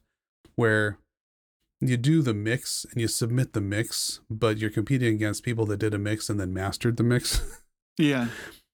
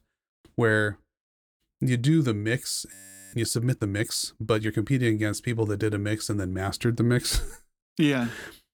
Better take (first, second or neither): first